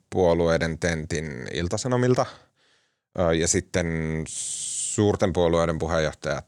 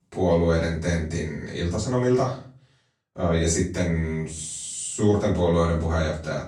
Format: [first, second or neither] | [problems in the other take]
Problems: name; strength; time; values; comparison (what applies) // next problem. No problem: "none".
first | room echo; slight; dies away in 0.4 s // off-mic speech; far